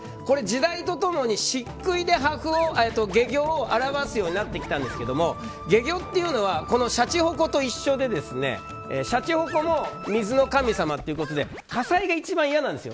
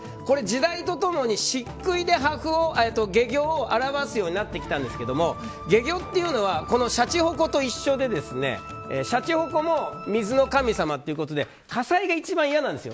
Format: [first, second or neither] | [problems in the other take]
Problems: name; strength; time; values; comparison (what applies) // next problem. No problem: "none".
second | background sound (Scratching (performance technique)); 15 dB below the speech